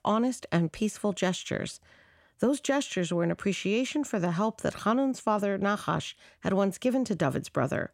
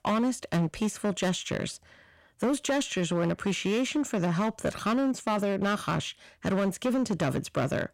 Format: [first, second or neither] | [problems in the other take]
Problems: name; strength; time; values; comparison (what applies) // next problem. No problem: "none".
first | distortion; slight; 12% of the sound clipped